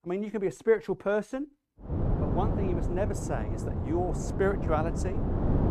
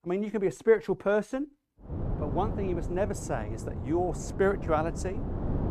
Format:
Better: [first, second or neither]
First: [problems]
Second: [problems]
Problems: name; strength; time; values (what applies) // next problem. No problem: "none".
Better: second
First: wind noise on the microphone; heavy; from 2 s on; 6 dB below the speech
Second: wind noise on the microphone; occasional gusts; from 2 s on; 10 dB below the speech